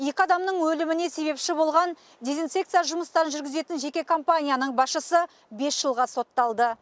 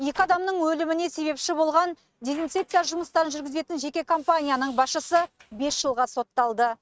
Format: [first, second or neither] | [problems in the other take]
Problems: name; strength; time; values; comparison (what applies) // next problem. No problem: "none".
first | noise reduction (neural mask model RNNoise)